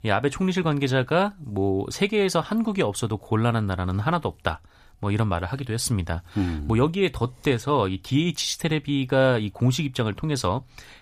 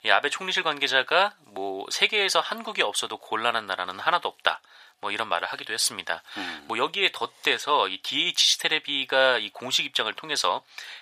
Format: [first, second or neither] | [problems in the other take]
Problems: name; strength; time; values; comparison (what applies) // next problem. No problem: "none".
first | thin; very; fading below 700 Hz